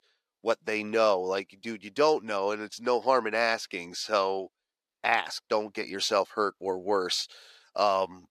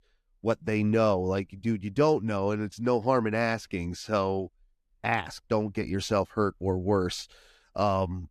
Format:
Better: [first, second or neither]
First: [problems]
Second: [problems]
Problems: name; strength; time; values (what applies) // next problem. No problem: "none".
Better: second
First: thin; somewhat; fading below 500 Hz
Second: none